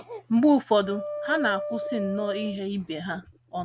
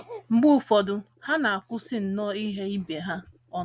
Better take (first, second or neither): second